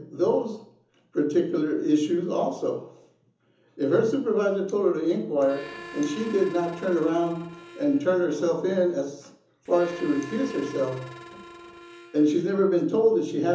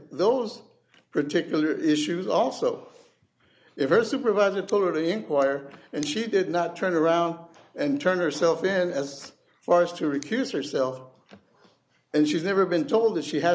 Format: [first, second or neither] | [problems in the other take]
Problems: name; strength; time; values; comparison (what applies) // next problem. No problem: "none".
second | background sound (Harmonica); 17 dB below the speech // room echo; dies away in 0.7 s